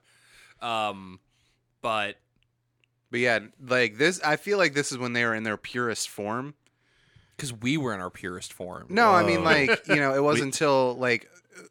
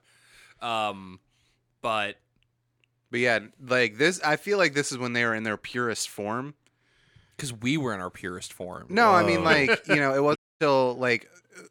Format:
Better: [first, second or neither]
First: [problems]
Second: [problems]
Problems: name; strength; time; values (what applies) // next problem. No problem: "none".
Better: first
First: none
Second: audio cutting out; at 10 s